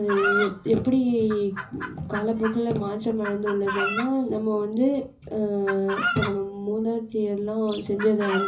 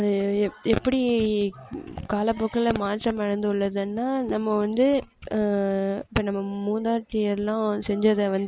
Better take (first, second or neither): second